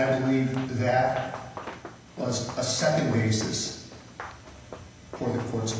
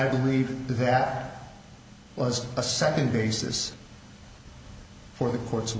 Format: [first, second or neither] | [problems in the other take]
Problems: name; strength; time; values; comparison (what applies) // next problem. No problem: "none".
second | background sound (Run); 15 dB below the speech // room echo; dies away in 0.9 s